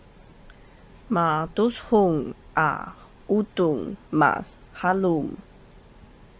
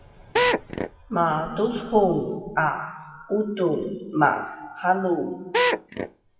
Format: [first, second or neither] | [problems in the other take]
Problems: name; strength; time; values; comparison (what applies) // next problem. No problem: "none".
first | noise reduction (classical method WPE with log-MMSE)